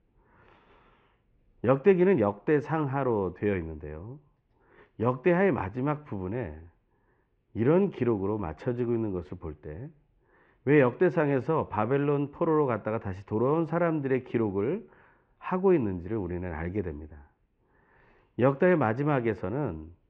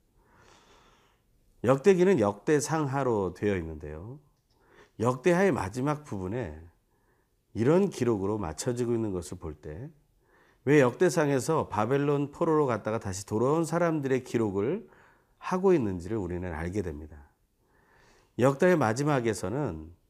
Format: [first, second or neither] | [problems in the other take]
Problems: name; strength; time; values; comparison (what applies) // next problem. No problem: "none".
second | muffled; very; fading above 2.5 kHz